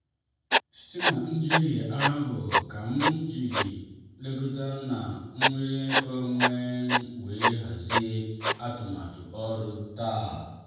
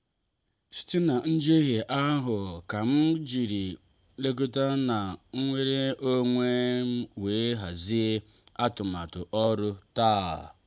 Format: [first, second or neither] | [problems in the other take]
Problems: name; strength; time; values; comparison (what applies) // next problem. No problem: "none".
second | background sound (Writing); 2 dB above the speech // room echo; dies away in 1.1 s